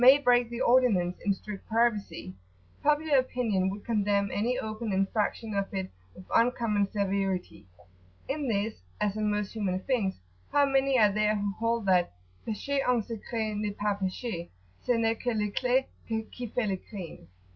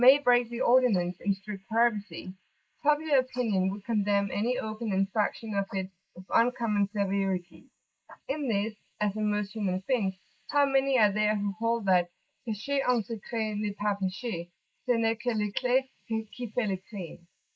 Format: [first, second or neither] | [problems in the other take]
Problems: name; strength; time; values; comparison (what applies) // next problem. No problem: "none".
first | noise reduction (neural mask model Resemble Enhance denoiser)